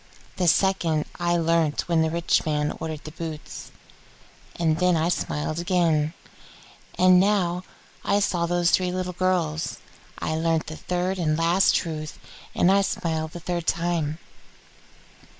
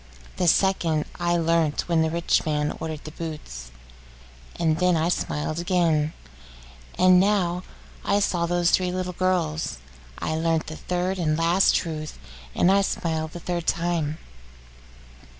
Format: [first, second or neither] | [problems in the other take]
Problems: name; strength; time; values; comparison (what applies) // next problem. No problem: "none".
second | noise reduction (neural mask model Resemble Enhance denoiser)